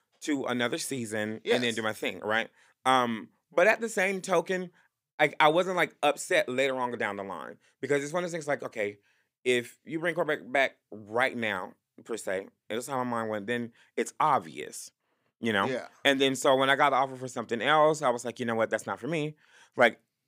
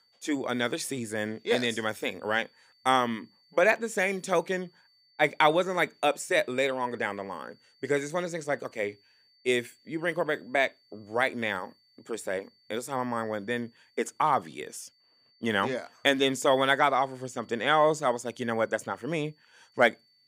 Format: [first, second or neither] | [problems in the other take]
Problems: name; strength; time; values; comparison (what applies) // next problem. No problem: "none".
first | high-pitched whine; faint; throughout; 4.5 kHz, 35 dB below the speech